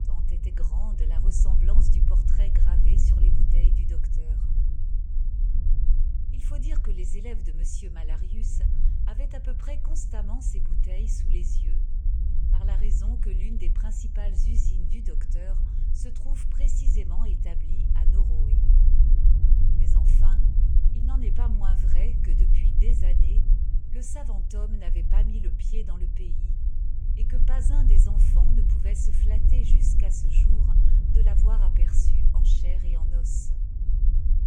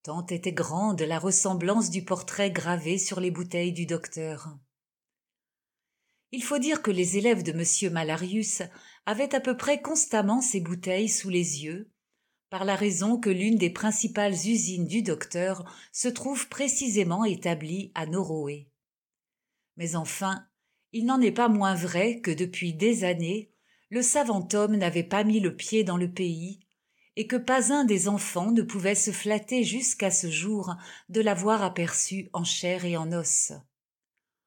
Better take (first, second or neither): second